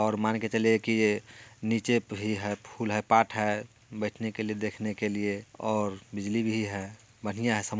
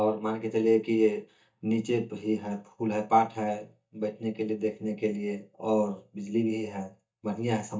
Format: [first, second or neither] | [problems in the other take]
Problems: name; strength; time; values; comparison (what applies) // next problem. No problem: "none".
first | noise reduction (neural mask model DeepFilterNet 3)